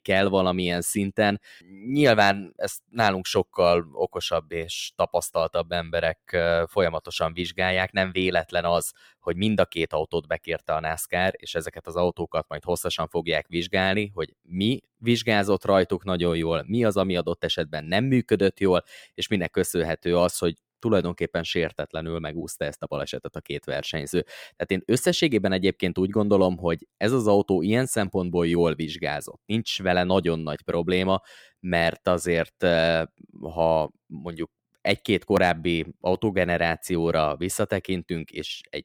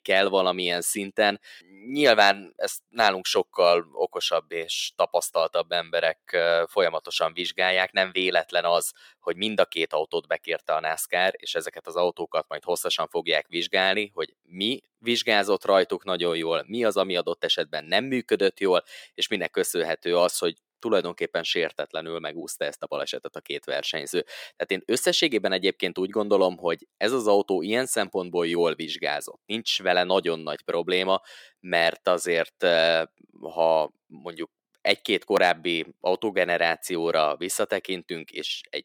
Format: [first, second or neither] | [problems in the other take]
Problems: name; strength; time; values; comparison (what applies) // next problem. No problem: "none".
first | thin; somewhat; fading below 350 Hz